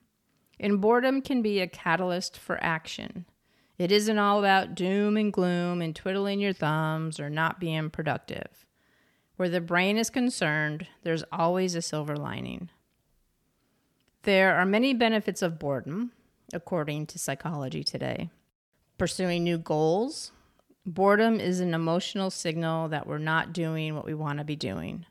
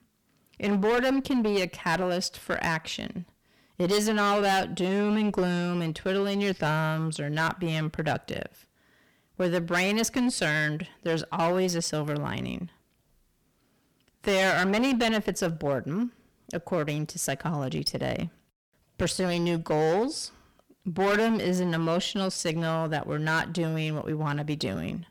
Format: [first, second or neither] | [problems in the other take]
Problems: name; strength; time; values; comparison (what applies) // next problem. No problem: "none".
first | distortion; heavy; 11% of the sound clipped